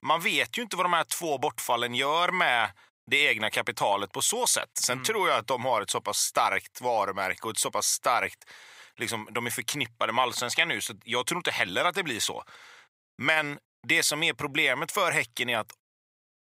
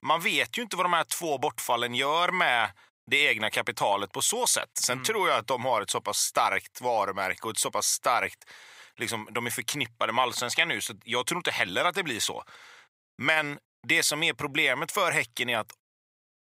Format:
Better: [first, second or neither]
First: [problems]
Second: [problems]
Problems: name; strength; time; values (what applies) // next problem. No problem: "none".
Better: neither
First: none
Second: none